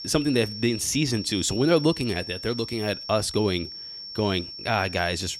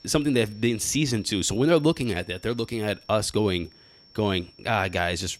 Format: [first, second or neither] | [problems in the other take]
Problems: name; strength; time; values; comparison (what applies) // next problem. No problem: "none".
second | high-pitched whine; loud; throughout; 5.5 kHz, 10 dB below the speech; faint in the second